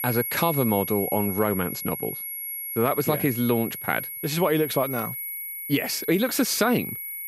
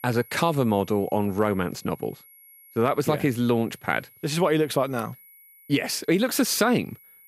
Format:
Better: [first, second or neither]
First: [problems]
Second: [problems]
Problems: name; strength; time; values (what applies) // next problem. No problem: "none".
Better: second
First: high-pitched whine; loud; throughout; 11.5 kHz, 5 dB below the speech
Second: high-pitched whine; faint; throughout; 11.5 kHz, 25 dB below the speech